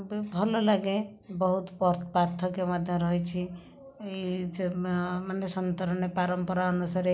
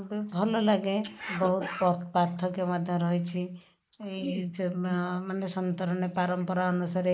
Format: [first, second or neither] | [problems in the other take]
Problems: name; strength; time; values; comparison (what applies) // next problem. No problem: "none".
first | noise reduction (neural mask model Resemble Enhance denoiser)